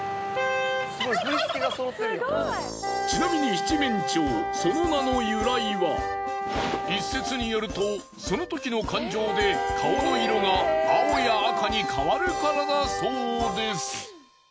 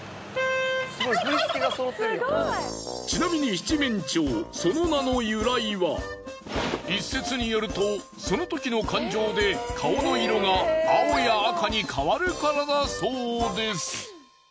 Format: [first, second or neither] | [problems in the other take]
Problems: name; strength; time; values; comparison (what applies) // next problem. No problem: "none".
second | background sound (Wind instrument, woodwind instrument); 4 dB below the speech